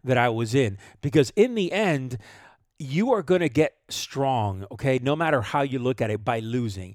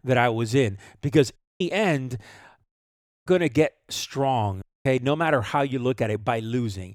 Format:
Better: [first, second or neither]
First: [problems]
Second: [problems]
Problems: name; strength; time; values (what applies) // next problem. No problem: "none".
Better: first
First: none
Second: audio cutting out; at 1.5 s, at 2.5 s for 0.5 s and at 4.5 s